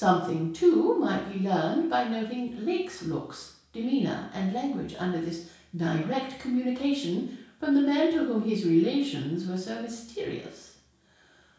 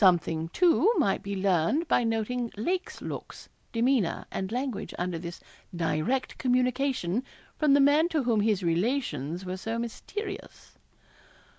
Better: second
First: room echo; dies away in 0.6 s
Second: none

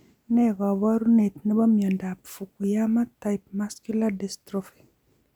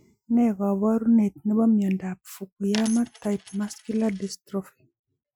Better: first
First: none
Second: noise reduction (classical method Wiener filter)

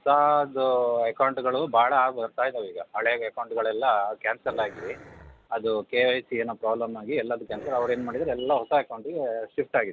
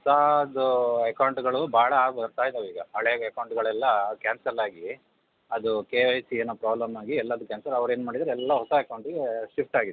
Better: second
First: background sound (Growling); 17 dB below the speech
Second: none

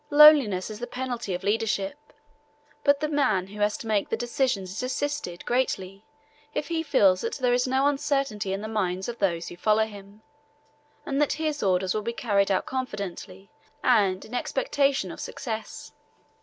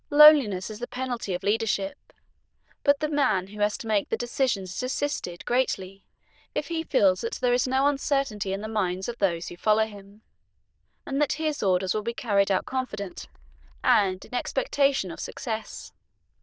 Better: first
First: none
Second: noise reduction (neural diffusion model UNIVERSE++)

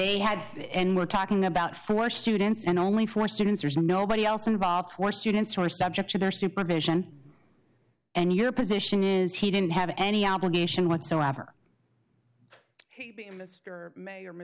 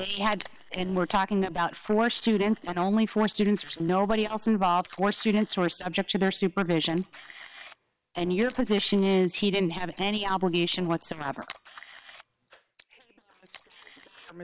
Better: first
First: none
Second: noise reduction (neural separator model SepFormer WHAM!)

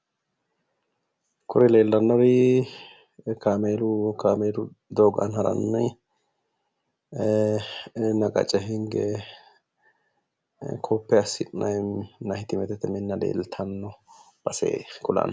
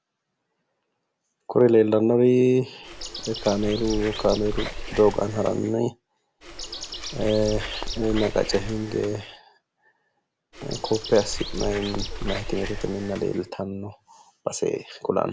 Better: first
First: none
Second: background sound (Bird); 7 dB below the speech

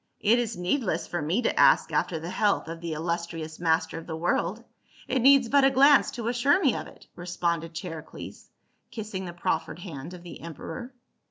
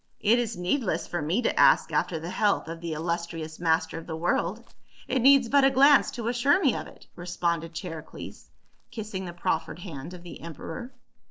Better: first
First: none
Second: noise reduction (neural separator model SepFormer DNS4)

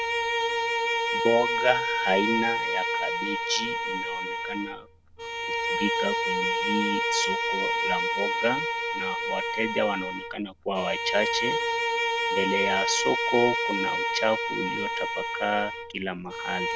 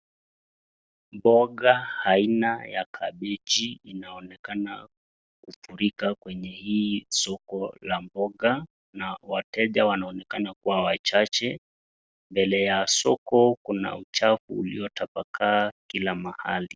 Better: second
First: background sound (Bowed string instrument); 2 dB above the speech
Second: none

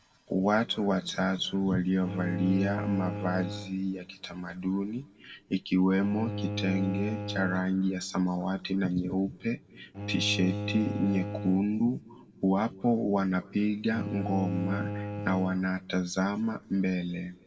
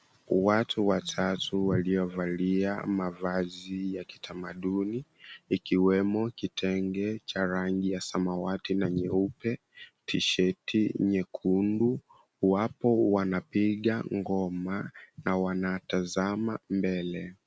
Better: second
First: background sound (Bowed string instrument); 9 dB below the speech // room echo; dies away in 1.4 s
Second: none

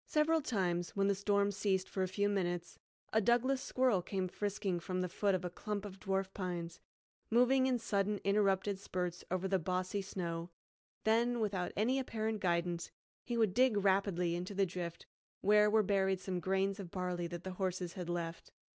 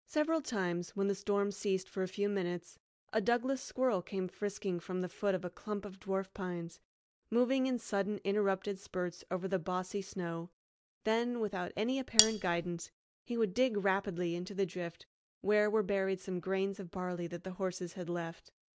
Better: first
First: none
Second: background sound (Cutlery, silverware); 4 dB above the speech

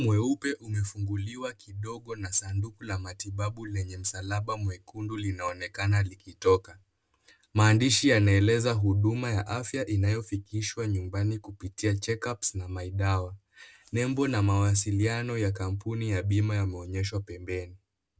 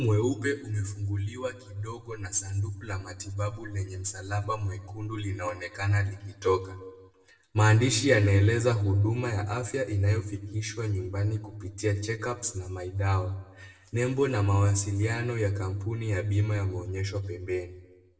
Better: first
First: none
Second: room echo; dies away in 0.9 s

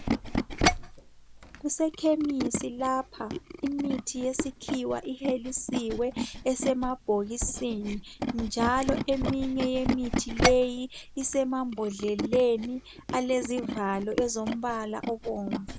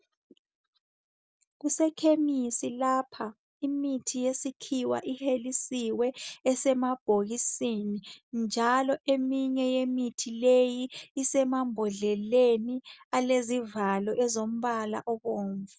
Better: second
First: background sound (Tools); 4 dB below the speech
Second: none

